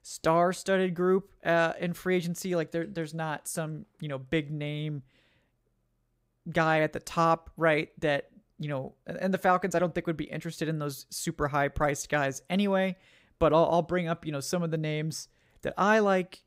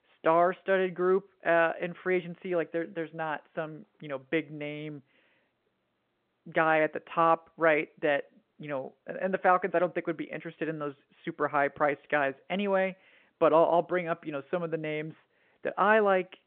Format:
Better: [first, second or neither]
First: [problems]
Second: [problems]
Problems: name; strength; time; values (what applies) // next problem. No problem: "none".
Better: first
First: none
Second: phone-call audio